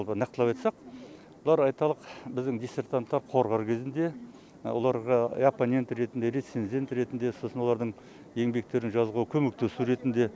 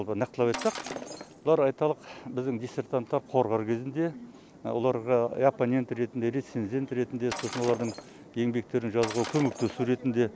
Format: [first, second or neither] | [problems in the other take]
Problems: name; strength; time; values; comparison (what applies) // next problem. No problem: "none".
first | background sound (Shatter); 12 dB below the speech